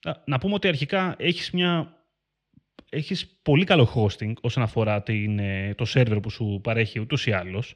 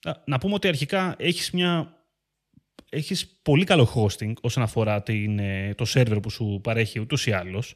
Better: second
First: muffled; very slightly; fading above 3 kHz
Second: none

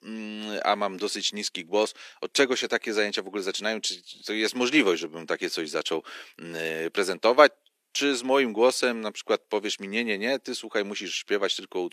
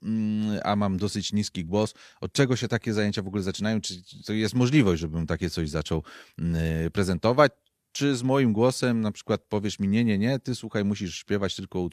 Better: second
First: thin; somewhat; fading below 300 Hz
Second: none

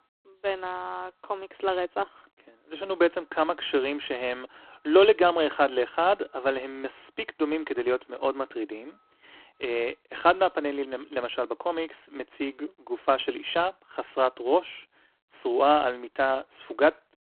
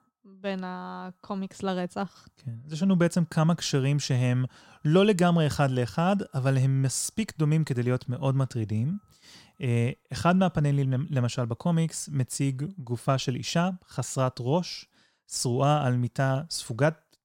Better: second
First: phone-call audio; poor line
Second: none

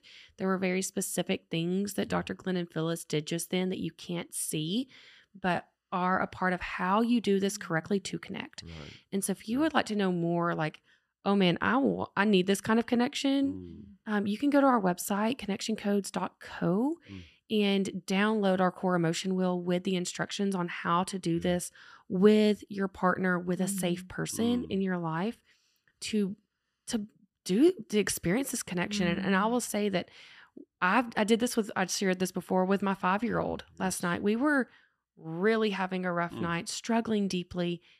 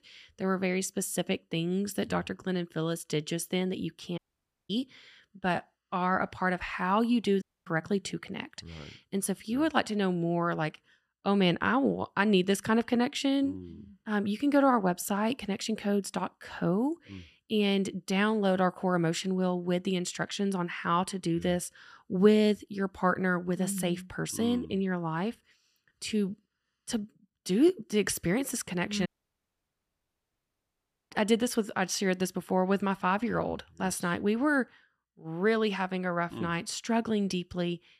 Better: first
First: none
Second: audio cutting out; at 4 s for 0.5 s, at 7.5 s and at 29 s for 2 s

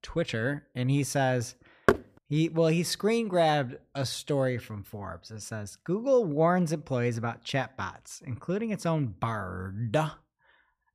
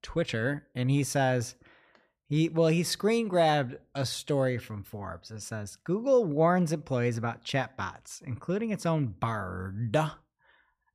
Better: second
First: door banging; loud; at 2 s; peak 2 dB above the speech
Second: none

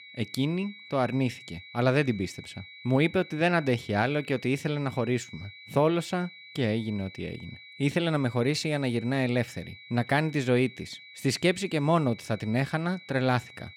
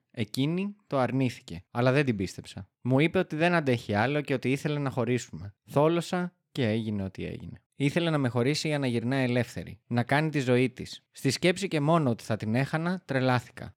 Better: second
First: high-pitched whine; noticeable; throughout; 2.5 kHz, 20 dB below the speech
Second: none

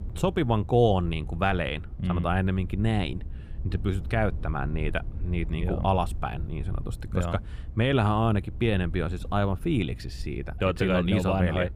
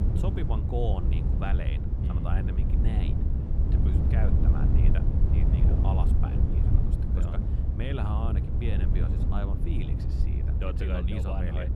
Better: first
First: low rumble; faint; throughout; 25 dB below the speech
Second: low rumble; loud; throughout; 1 dB below the speech

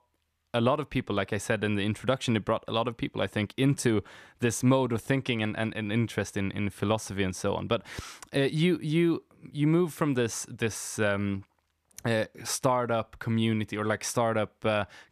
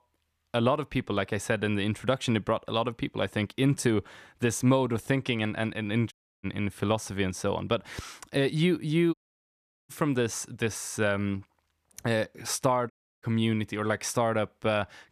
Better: first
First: none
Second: audio cutting out; at 6 s, at 9 s for 1 s and at 13 s

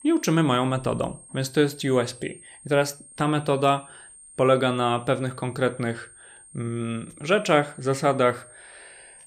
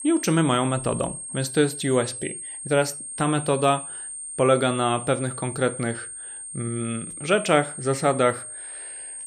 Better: first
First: high-pitched whine; faint; throughout; 8.5 kHz, 20 dB below the speech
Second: high-pitched whine; loud; throughout; 8.5 kHz, 9 dB below the speech

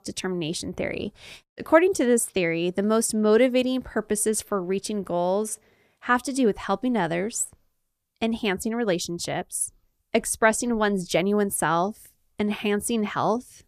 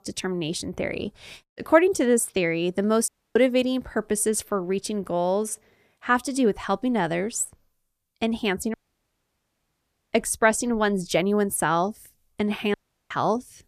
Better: first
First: none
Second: audio cutting out; at 3 s, at 8.5 s for 1.5 s and at 13 s

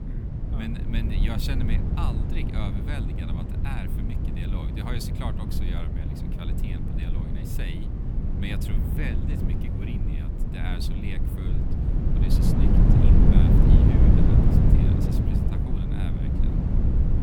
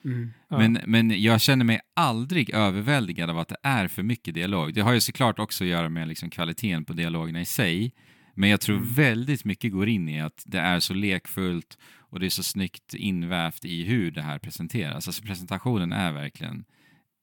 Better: second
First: wind noise on the microphone; heavy; 5 dB above the speech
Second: none

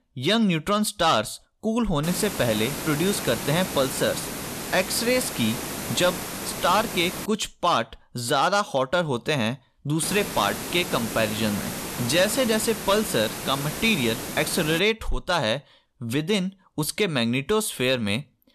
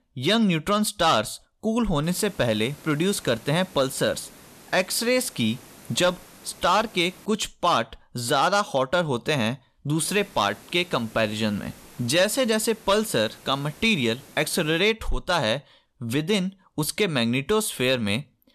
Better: second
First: hiss; loud; from 2 to 7.5 s and from 10 to 15 s; 7 dB below the speech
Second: hiss; faint; from 2 to 7.5 s and from 10 to 15 s; 25 dB below the speech

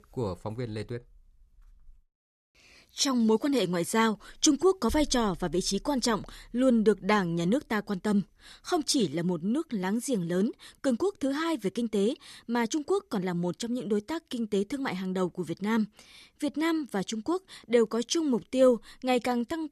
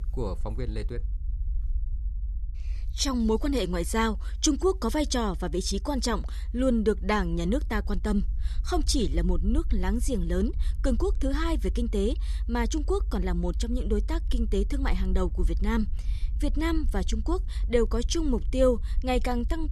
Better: first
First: none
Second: low rumble; faint; throughout; 25 dB below the speech

